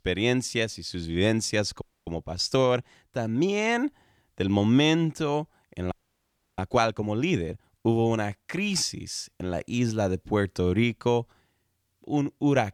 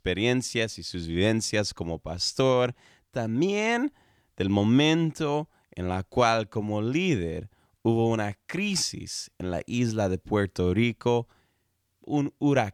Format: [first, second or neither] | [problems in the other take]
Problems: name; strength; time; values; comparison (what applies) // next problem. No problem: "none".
second | audio freezing; at 2 s and at 6 s for 0.5 s